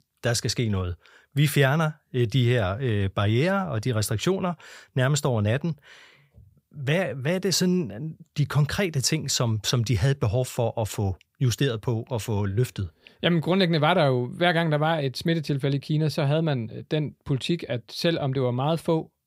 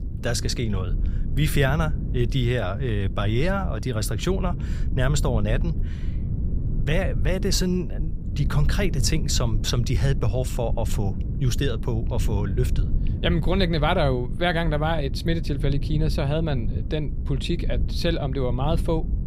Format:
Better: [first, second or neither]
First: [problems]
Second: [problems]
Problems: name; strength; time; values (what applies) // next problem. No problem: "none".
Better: first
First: none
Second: wind noise on the microphone; occasional gusts; 15 dB below the speech